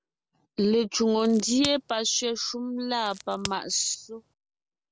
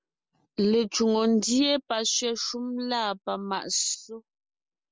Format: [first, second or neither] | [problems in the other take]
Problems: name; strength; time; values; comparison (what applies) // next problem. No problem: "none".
second | background sound (Crack); 16 dB below the speech